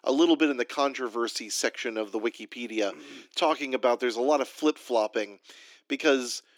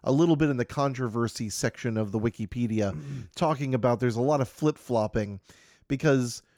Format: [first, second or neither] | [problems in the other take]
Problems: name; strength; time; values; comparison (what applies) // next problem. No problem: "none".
second | thin; somewhat; fading below 300 Hz